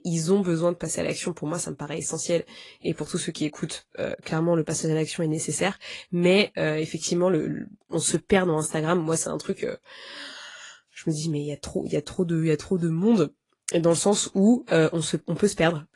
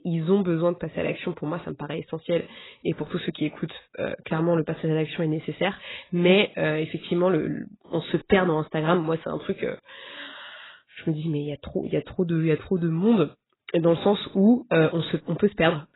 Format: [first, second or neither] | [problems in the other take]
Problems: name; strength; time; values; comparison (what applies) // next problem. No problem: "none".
first | garbled, watery; badly; nothing above 4 kHz; slightly in the first